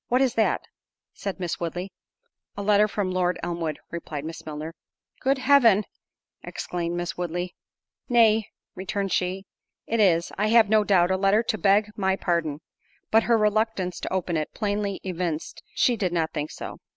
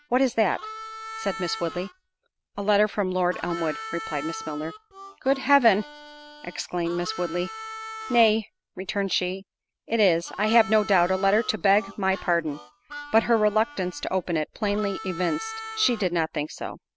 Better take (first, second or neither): first